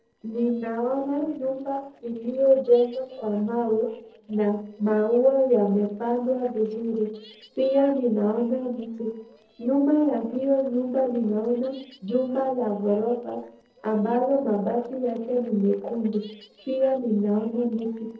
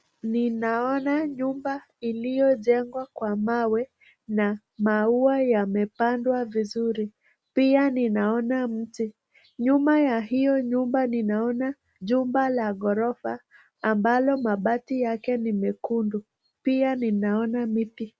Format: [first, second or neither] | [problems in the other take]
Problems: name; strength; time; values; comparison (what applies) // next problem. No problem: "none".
second | noise reduction (neural separator model SepFormer DNS4)